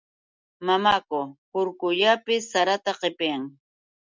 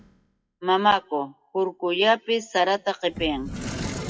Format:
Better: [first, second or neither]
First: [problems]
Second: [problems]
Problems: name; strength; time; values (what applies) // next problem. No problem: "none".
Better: first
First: none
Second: noise reduction (classical method WPE with log-MMSE)